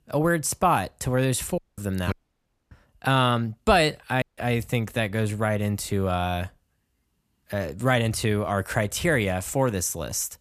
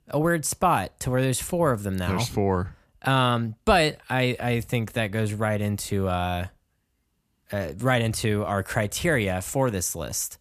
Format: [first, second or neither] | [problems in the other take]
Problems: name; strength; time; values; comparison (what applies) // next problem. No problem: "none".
second | audio cutting out; at 1.5 s, at 2 s for 0.5 s and at 4 s